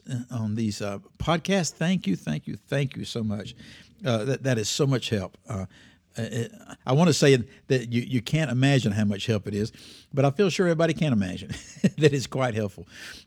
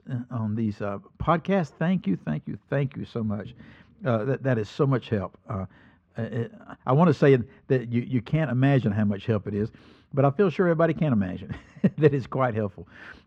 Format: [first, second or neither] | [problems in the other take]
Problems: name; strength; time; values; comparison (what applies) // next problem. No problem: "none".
first | muffled; very; fading above 4 kHz